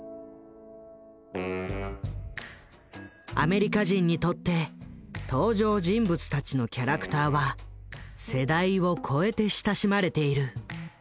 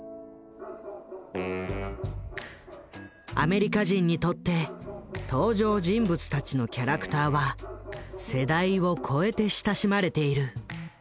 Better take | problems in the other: first | background sound (Bark); 16 dB below the speech

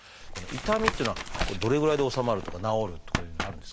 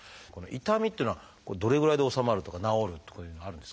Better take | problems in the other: second | background sound (Tap); 5 dB below the speech

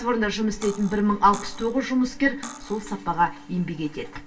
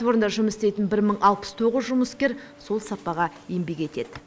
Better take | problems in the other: second | background sound (Cutlery, silverware); 16 dB below the speech // room echo; dies away in 0.2 s

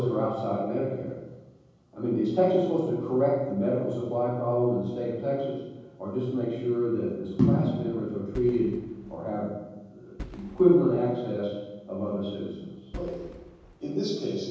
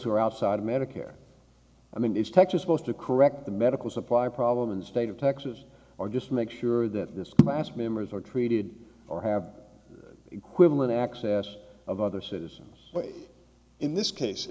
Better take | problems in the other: second | background sound (Fireworks); 17 dB below the speech // room echo; dies away in 1.3 s

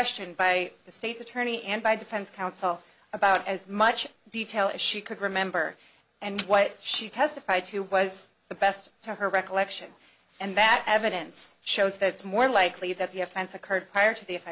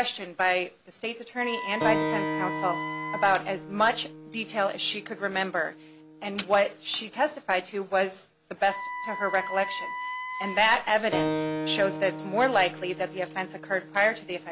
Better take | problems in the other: first | background sound (Wind instrument, woodwind instrument + Keyboard (musical)); 7 dB below the speech

